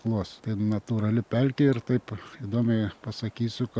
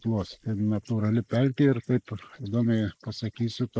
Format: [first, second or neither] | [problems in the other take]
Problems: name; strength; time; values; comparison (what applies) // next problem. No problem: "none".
first | noise reduction (neural mask model Resemble Enhance denoiser)